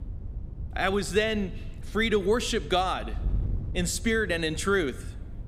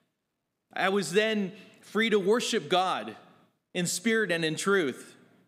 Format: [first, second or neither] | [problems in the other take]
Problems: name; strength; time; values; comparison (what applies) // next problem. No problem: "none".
second | wind noise on the microphone; occasional gusts; 25 dB below the speech